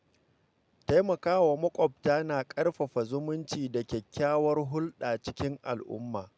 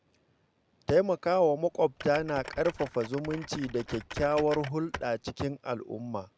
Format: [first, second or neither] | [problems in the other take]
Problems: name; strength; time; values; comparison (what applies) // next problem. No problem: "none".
first | background sound (Typing); 13 dB below the speech